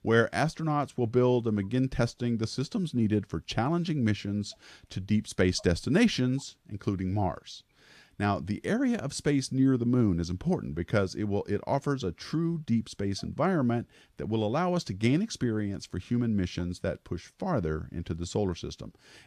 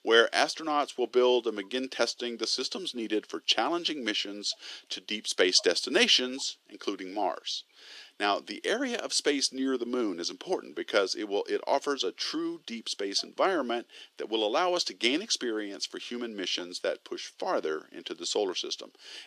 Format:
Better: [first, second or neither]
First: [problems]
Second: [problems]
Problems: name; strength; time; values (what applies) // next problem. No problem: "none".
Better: first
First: none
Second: thin; somewhat; fading below 300 Hz